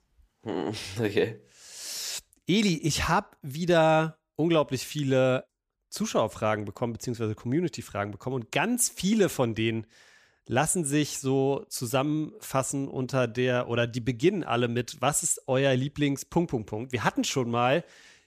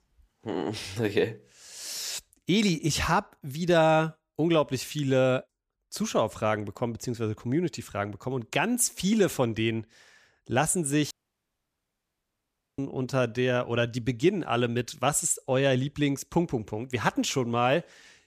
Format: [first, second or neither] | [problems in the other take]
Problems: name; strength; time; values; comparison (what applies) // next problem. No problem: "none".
first | audio cutting out; at 11 s for 1.5 s